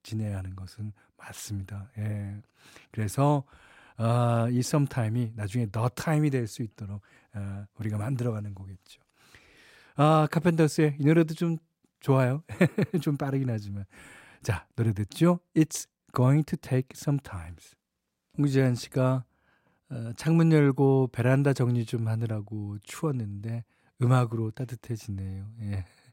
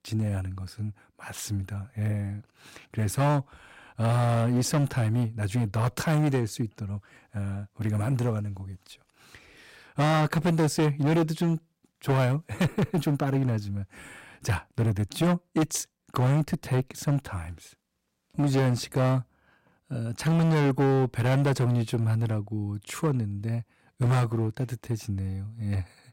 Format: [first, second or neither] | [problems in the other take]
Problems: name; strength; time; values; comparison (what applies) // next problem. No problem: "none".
first | distortion; heavy; 10% of the sound clipped